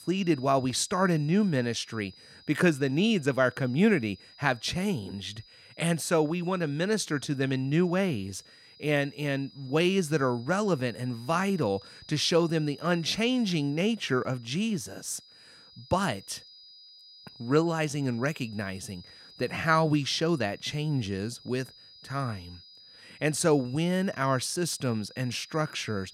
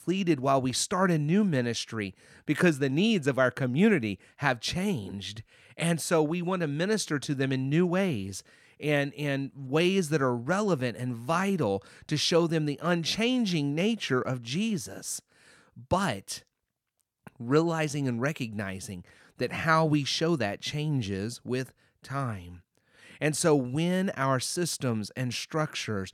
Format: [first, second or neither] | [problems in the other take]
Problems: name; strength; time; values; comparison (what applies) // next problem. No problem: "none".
second | high-pitched whine; faint; throughout; 5 kHz, 25 dB below the speech